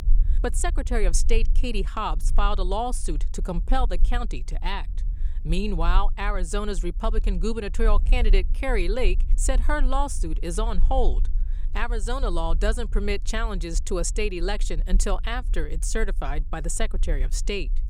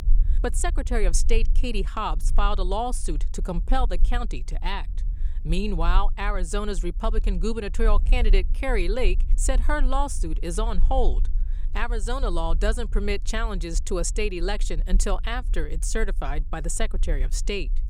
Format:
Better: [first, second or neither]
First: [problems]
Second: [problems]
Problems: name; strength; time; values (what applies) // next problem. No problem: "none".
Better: neither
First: low rumble; faint; throughout; 25 dB below the speech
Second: low rumble; faint; throughout; 25 dB below the speech